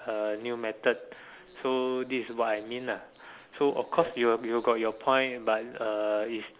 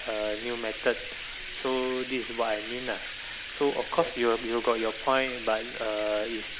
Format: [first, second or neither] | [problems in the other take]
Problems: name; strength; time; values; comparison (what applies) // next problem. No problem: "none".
first | background sound (Bathtub (filling or washing)); 9 dB below the speech